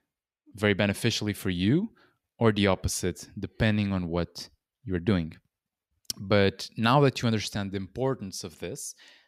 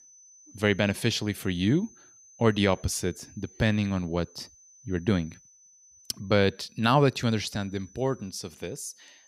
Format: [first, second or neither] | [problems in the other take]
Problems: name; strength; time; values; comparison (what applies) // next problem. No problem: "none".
first | high-pitched whine; faint; throughout; 6 kHz, 25 dB below the speech